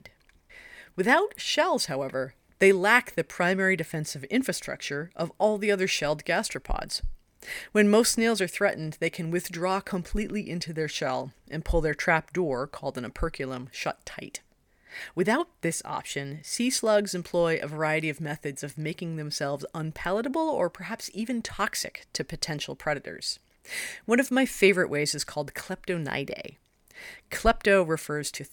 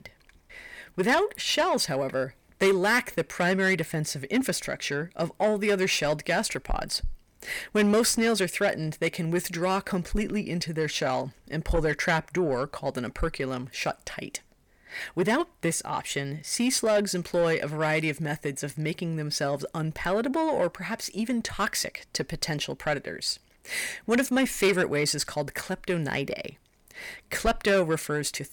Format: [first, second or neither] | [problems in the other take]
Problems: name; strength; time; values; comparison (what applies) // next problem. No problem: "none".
first | distortion; slight; 10 dB below the speech